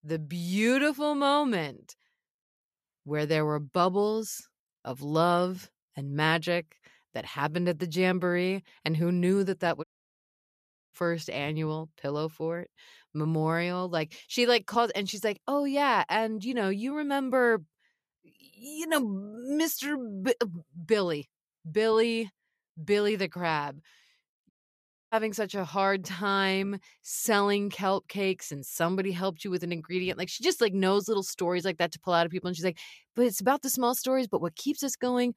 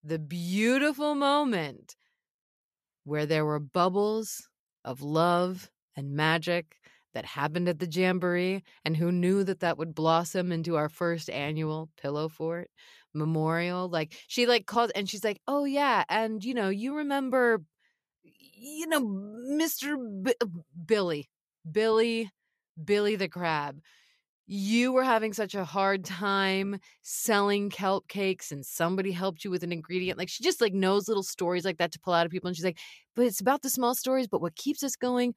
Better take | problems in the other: second | audio cutting out; at 10 s for 1 s and at 25 s for 0.5 s

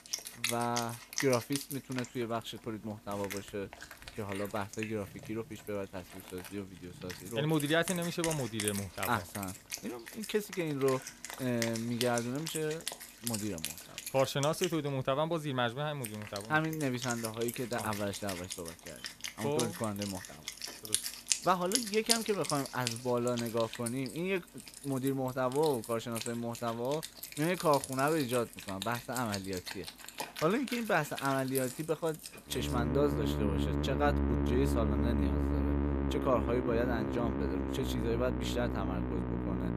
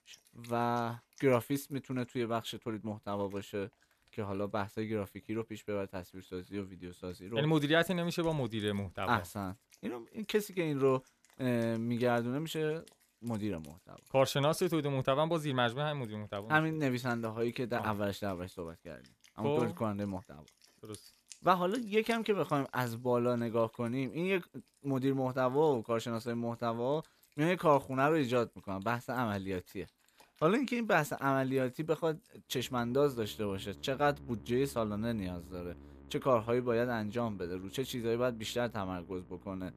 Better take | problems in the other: second | background music; loud; throughout; 3 dB below the speech; faint in the second

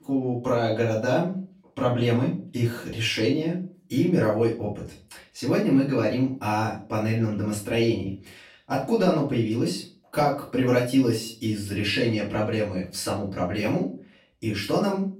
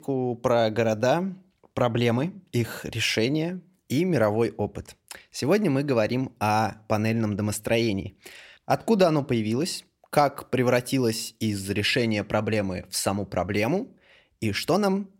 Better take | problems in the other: second | room echo; slight; dies away in 0.3 s // off-mic speech; far

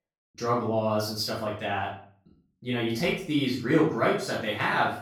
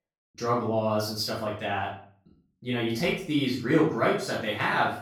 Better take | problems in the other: neither | off-mic speech; far; the same in both // room echo; noticeable; dies away in 0.4 s; the same in both

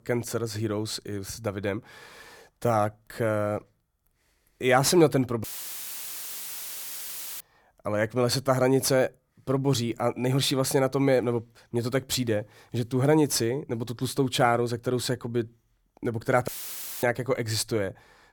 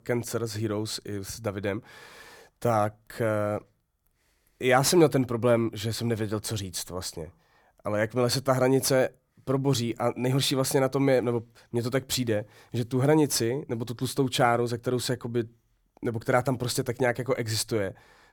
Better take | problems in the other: second | audio cutting out; filled with static; at 5.5 s for 2 s and at 16 s for 0.5 s

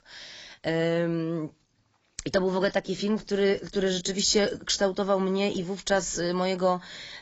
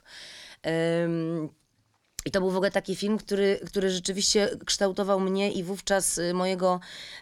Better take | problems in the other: second | garbled, watery; badly; nothing above 7.5 kHz

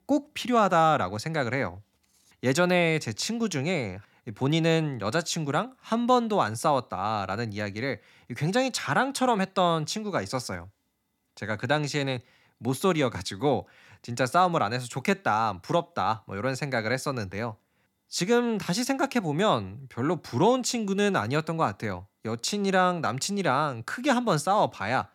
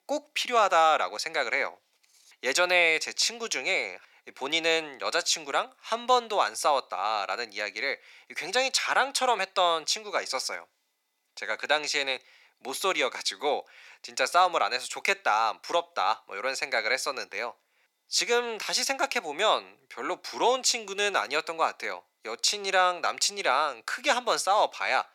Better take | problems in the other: first | thin; very; fading below 450 Hz

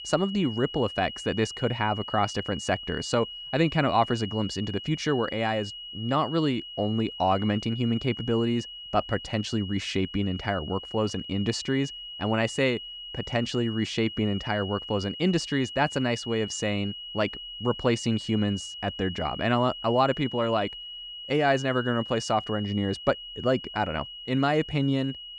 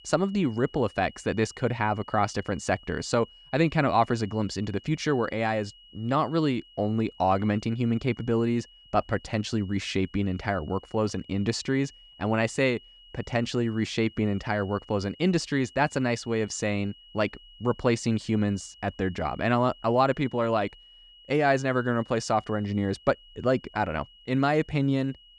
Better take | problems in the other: second | high-pitched whine; loud; throughout; 3 kHz, 10 dB below the speech; faint in the second

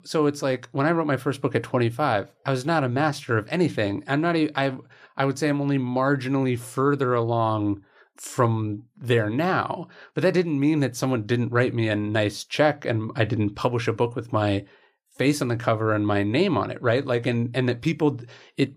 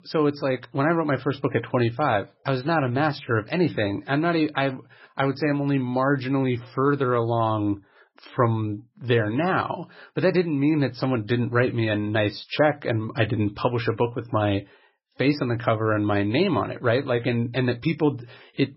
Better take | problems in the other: first | garbled, watery; badly; nothing above 5.5 kHz

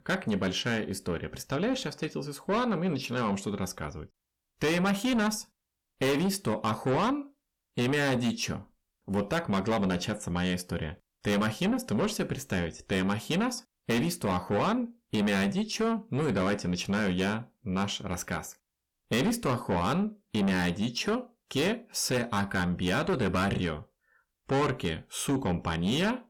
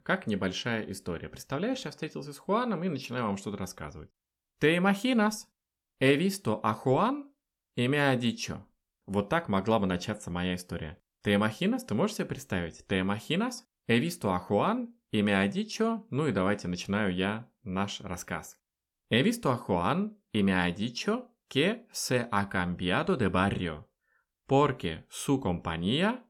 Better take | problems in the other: second | distortion; heavy; 7 dB below the speech

